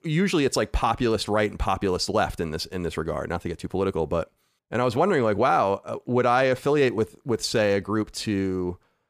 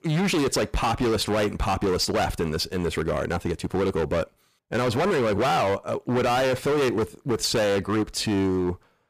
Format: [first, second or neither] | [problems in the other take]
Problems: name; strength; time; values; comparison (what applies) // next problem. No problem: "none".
first | distortion; heavy; 24% of the sound clipped